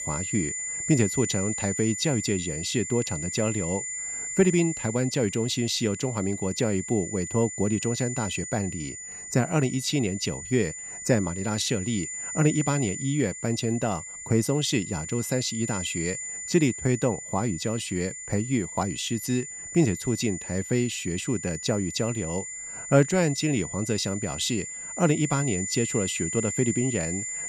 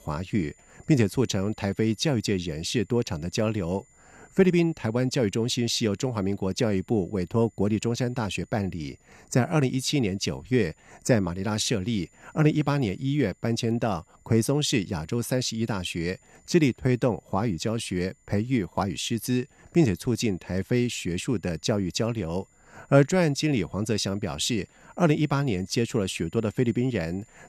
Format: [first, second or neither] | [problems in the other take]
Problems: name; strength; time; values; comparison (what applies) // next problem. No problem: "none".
second | high-pitched whine; loud; throughout; 7 kHz, 6 dB below the speech; faint in the second